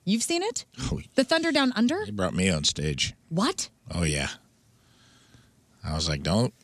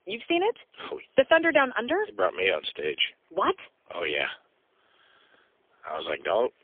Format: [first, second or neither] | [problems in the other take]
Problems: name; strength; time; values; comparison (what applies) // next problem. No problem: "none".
first | phone-call audio; poor line; nothing above 3.5 kHz